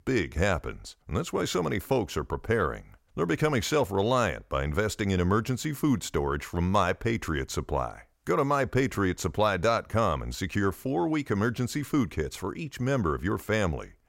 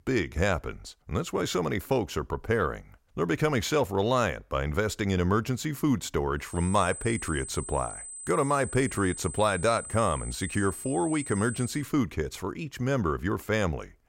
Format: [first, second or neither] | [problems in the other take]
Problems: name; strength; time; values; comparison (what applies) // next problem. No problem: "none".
first | high-pitched whine; loud; from 6.5 to 12 s; 8 kHz, 10 dB below the speech